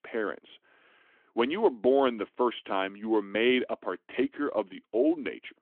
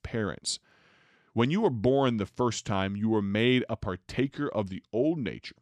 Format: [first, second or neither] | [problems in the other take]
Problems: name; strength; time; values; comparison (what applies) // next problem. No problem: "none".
second | phone-call audio